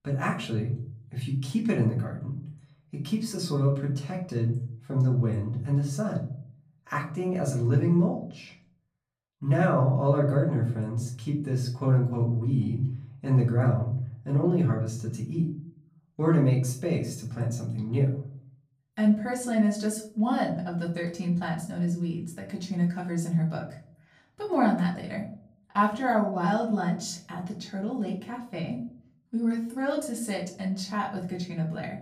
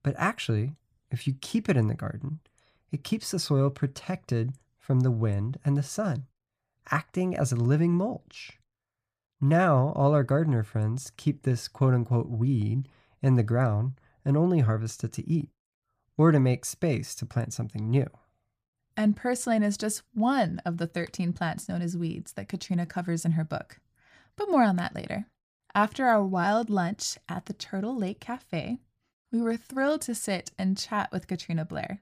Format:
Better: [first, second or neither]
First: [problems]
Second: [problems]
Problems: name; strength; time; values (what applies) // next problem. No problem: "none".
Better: second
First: off-mic speech; far // room echo; slight; dies away in 0.4 s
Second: none